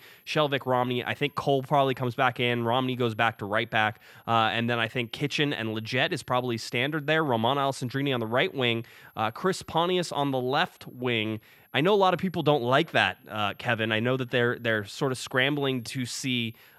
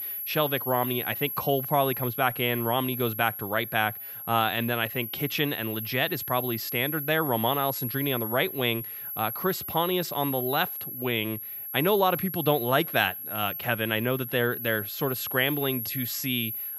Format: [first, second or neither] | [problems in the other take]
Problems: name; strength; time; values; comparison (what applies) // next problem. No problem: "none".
first | high-pitched whine; loud; throughout; 11.5 kHz, 5 dB below the speech; faint in the first